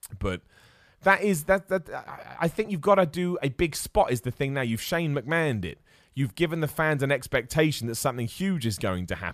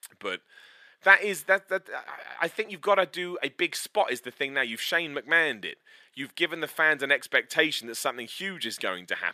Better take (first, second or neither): first